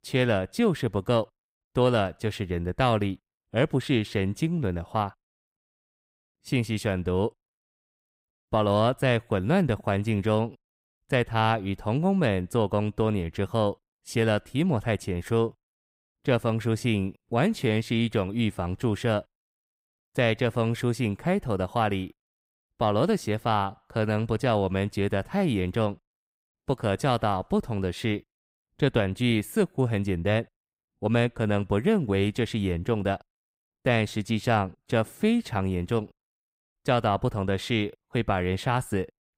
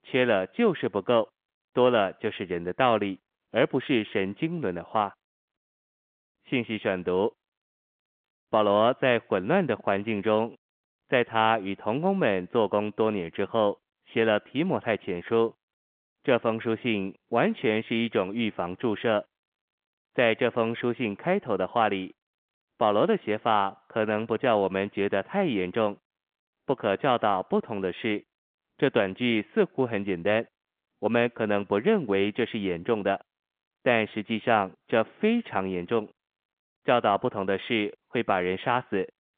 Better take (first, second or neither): first